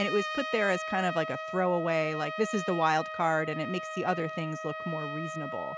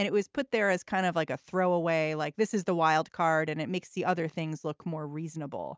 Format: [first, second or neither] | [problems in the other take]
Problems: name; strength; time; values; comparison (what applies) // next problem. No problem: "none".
second | background sound (Trumpet); 6 dB below the speech